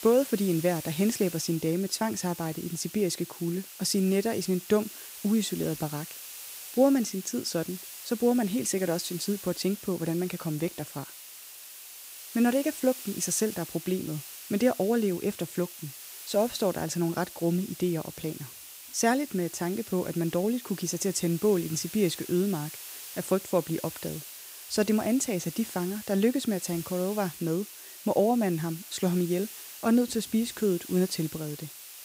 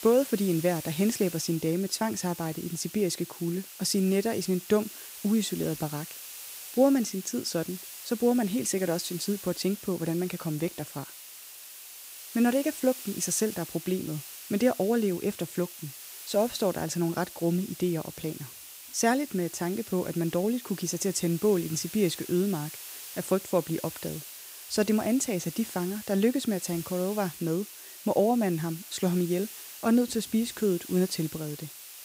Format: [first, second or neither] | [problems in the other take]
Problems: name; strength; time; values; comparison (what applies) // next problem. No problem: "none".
neither | hiss; noticeable; throughout; 10 dB below the speech; the same in both